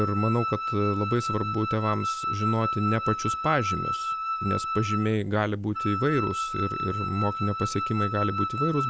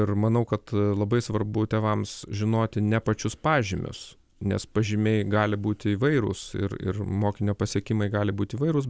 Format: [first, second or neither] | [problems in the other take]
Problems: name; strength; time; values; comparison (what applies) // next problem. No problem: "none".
second | background sound (Wind instrument, woodwind instrument); 3 dB below the speech